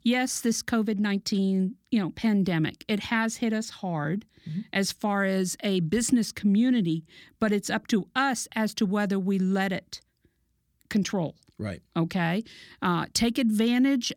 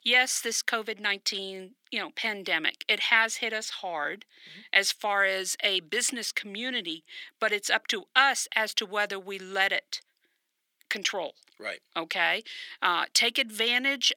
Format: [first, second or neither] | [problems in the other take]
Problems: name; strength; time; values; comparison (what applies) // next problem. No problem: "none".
first | thin; very; fading below 500 Hz